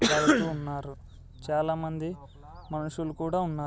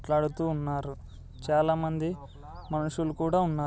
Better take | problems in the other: second | background sound (Cough); 4 dB above the speech

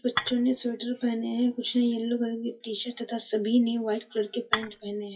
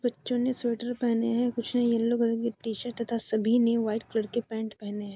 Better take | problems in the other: second | noise reduction (classical method WPE with log-MMSE)

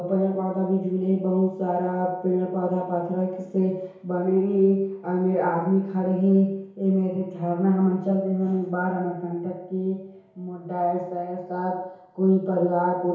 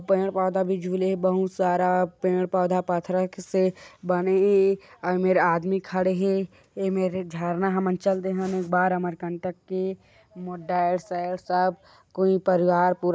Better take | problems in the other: second | room echo; dies away in 1 s

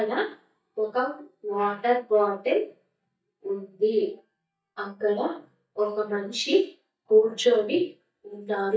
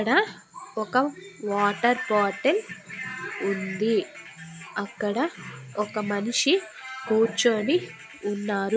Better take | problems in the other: second | noise reduction (neural mask model DeepFilterNet 3)

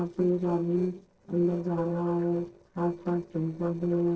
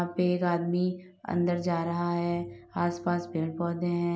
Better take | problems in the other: second | noise reduction (neural separator model SepFormer DNS4)

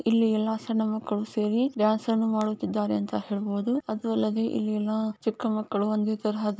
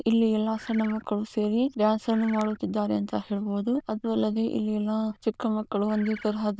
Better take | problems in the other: first | noise reduction (neural diffusion model UNIVERSE++)

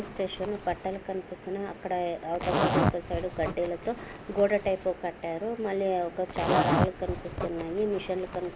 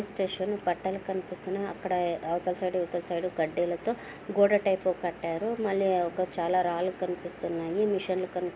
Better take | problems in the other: second | background sound (Zipper (clothing)); 3 dB below the speech

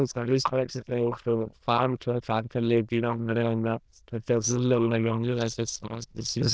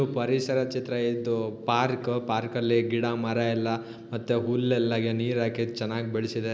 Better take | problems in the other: second | noise reduction (neural diffusion model UNIVERSE++)

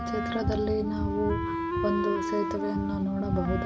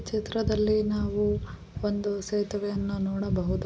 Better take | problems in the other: second | background sound (Wind instrument, woodwind instrument); 3 dB below the speech // room echo; dies away in 1.2 s

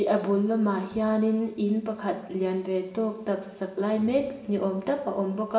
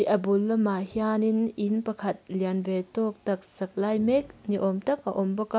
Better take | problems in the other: second | room echo; dies away in 1.1 s

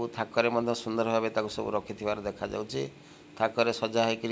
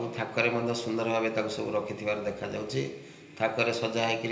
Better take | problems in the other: first | room echo; dies away in 1.4 s

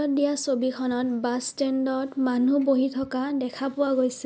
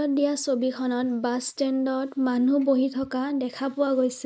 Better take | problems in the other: first | noise reduction (neural mask model Resemble Enhance denoiser)

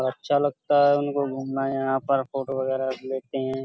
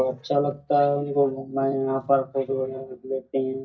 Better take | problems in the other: first | noise reduction (neural mask model DeepFilterNet 3)

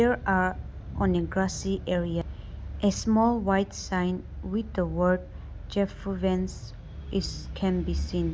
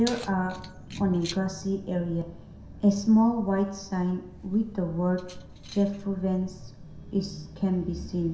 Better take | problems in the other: first | background sound (Keys jangling); 18 dB below the speech // room echo; dies away in 0.7 s

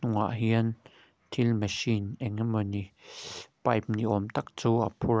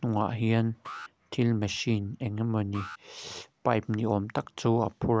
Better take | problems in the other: first | background sound (Alarm); 20 dB below the speech

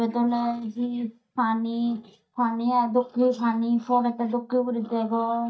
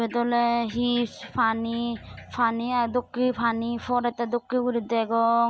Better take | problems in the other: second | noise reduction (neural mask model DeepFilterNet 3)

